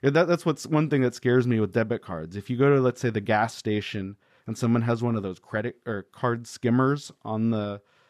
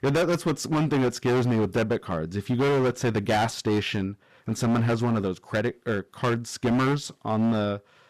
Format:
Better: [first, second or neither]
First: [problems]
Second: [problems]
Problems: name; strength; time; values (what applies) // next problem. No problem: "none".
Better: first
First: none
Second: distortion; heavy; 18% of the sound clipped